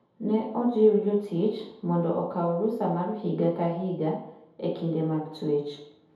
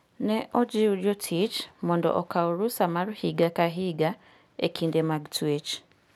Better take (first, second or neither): second